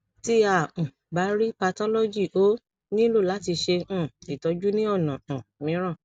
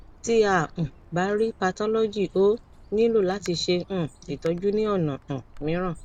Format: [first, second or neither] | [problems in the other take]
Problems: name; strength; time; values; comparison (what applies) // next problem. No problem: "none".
first | background sound (Bird + Wind); 20 dB below the speech